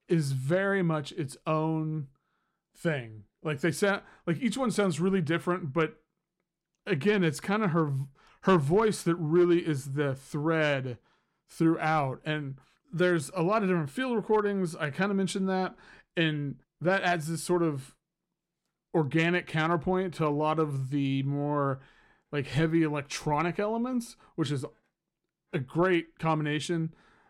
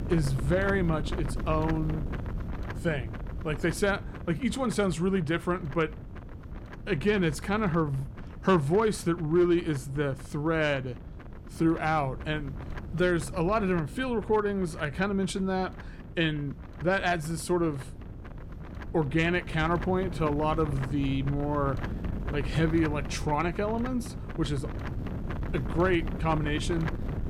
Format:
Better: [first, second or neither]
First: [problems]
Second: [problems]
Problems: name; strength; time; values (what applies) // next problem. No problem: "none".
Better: first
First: none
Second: wind noise on the microphone; occasional gusts; 15 dB below the speech